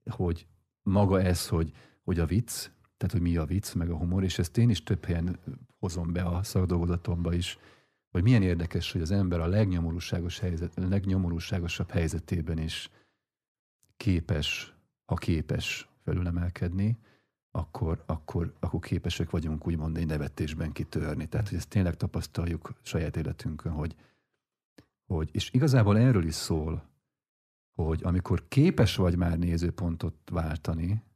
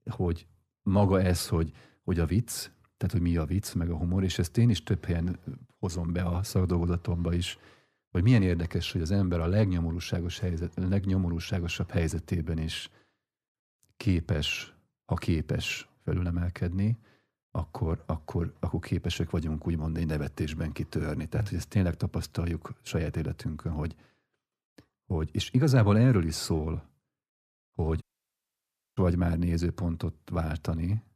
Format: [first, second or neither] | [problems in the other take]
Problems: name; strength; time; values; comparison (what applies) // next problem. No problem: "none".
first | audio cutting out; at 28 s for 1 s